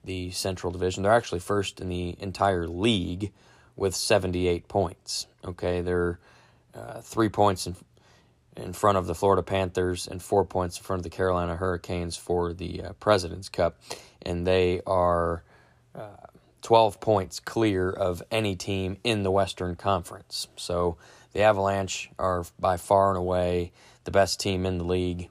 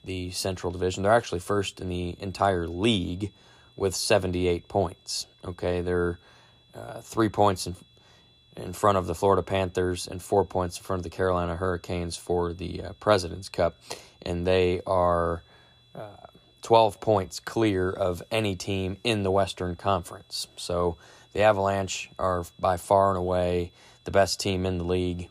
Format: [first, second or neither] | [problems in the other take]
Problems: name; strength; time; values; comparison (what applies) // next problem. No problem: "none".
first | high-pitched whine; faint; throughout; 3.5 kHz, 30 dB below the speech